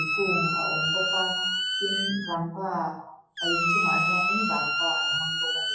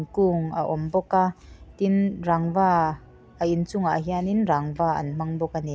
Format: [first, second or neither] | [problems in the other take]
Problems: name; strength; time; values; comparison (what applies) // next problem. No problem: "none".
second | noise reduction (classical method WPE with log-MMSE)